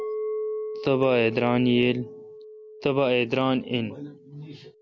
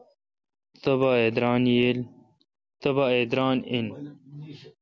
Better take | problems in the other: second | background sound (Chink, clink); 10 dB below the speech

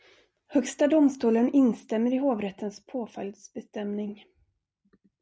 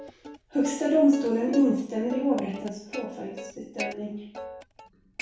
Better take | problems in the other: first | background sound (Plucked string instrument); 13 dB below the speech // room echo; dies away in 0.6 s

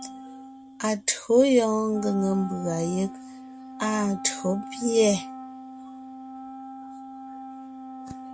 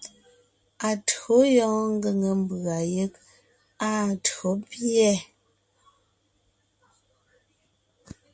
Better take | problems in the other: second | background sound (Wind instrument, woodwind instrument); 13 dB below the speech

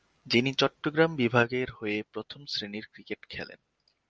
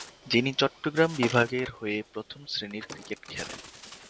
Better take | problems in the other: first | background sound (Bird); 14 dB below the speech

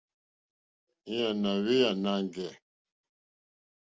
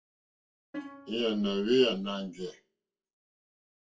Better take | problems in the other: first | noise reduction (classical method WPE with log-MMSE)

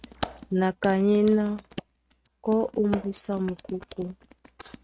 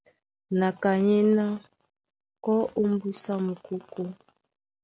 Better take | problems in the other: second | noise reduction (neural mask model RNNoise)

